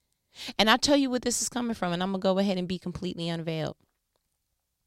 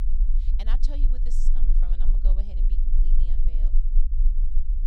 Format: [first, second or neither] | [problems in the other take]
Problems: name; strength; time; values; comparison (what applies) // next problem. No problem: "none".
first | low rumble; loud; throughout; 4 dB below the speech